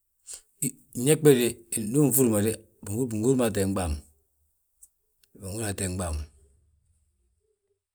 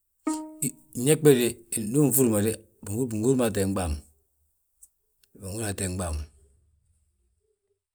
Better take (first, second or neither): first